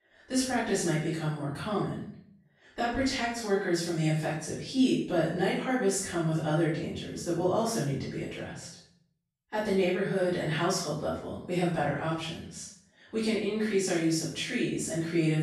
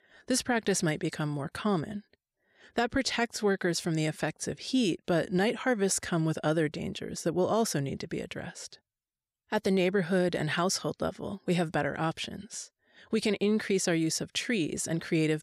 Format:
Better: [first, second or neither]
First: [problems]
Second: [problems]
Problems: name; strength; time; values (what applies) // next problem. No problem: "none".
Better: second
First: off-mic speech; far // room echo; noticeable; dies away in 0.5 s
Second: none